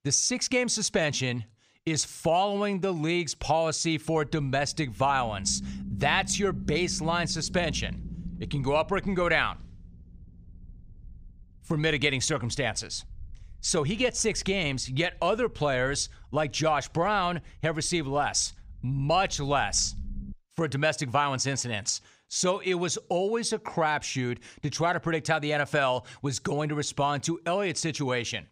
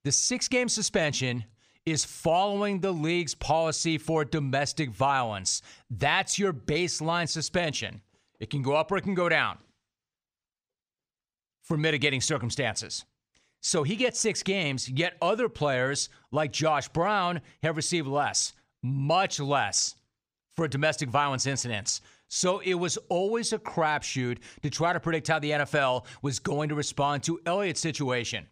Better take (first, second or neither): second